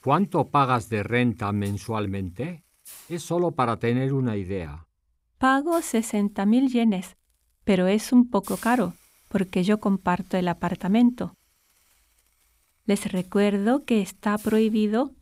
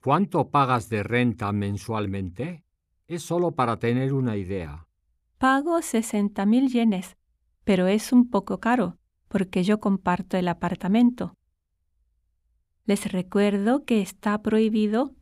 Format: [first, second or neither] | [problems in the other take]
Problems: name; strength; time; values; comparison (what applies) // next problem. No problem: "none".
second | hiss; faint; throughout; 25 dB below the speech